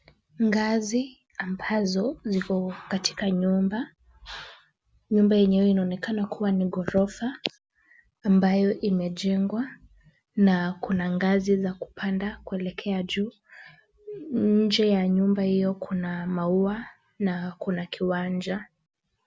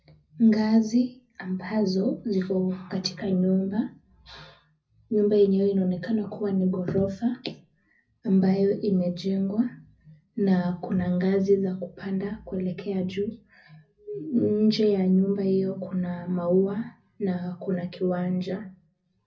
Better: first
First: none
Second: room echo; dies away in 0.4 s

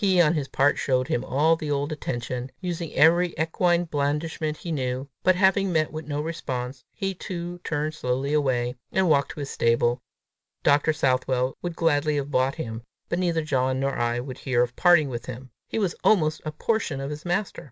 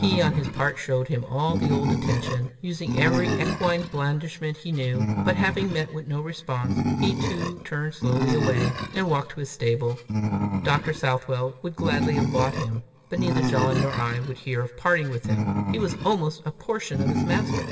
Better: first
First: none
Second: background sound (Animal); 1 dB below the speech // room echo; dies away in 1.1 s

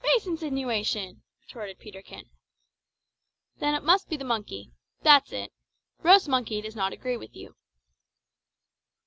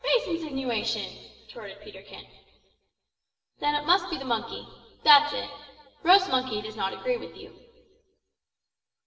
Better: first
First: none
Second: room echo; dies away in 1.4 s

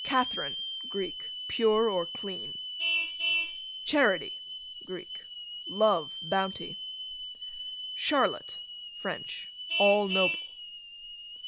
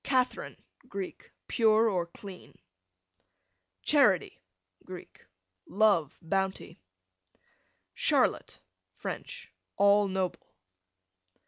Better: second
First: background sound (Vehicle horn, car horn, honking + Hiss / Alarm); 4 dB below the speech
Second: none

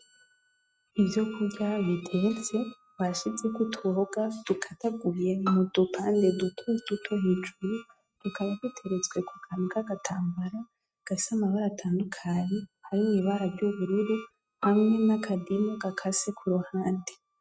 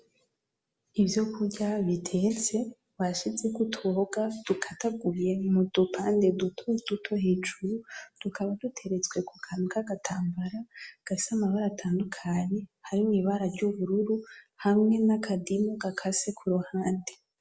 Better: second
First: noise reduction (neural mask model RNNoise)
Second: none

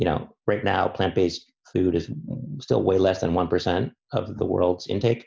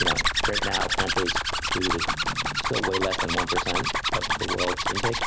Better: first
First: none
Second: background sound (Zipper (clothing)); 5 dB above the speech

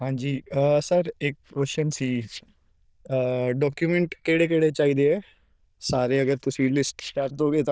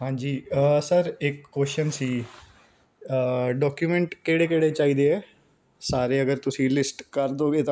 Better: second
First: noise reduction (neural diffusion model UNIVERSE++)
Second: none

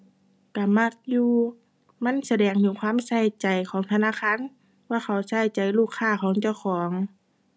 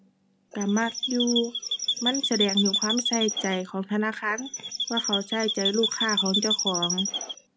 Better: first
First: none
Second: background sound (Chirp, tweet); 1 dB below the speech

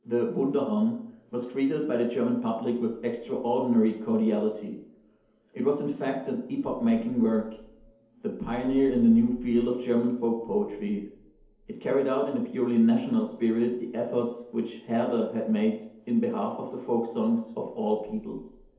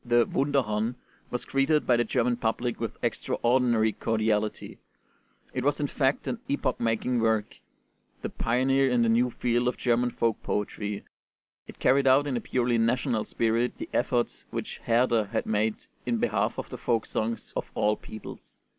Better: second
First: room echo; dies away in 2.2 s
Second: none

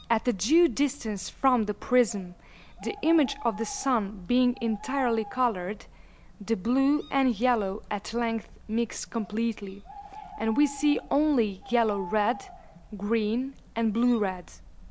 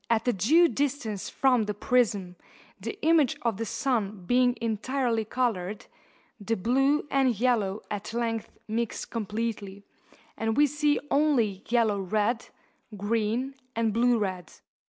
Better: second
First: background sound (Bird); 18 dB below the speech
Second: none

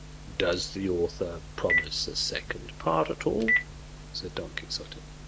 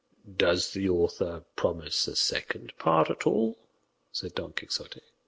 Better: second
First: background sound (Telephone); 3 dB below the speech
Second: none

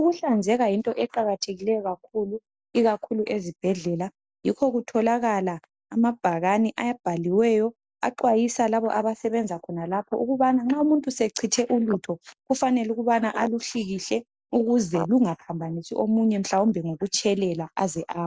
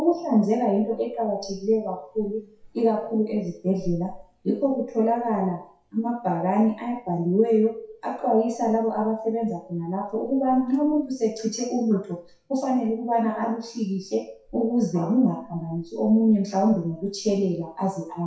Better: first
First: none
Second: noise reduction (classical method WPE with log-MMSE)

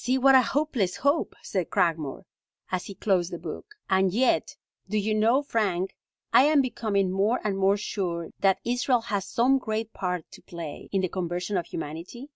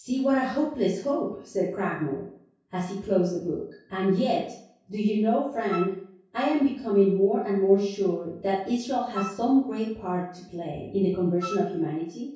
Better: first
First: none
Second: background sound (Wind instrument, woodwind instrument); 13 dB below the speech // room echo; dies away in 0.6 s

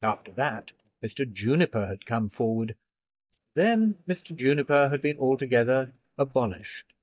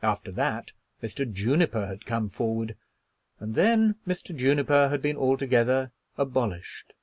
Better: second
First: noise reduction (neural mask model DeepFilterNet 3)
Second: none

